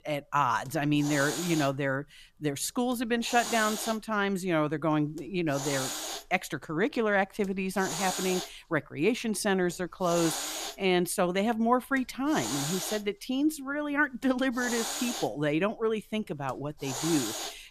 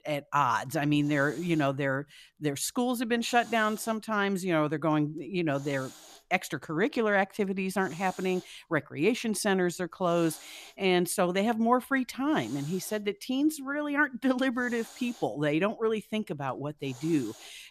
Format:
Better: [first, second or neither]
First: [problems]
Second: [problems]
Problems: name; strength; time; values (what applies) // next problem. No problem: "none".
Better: second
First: hiss; loud; throughout; 5 dB below the speech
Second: hiss; faint; throughout; 20 dB below the speech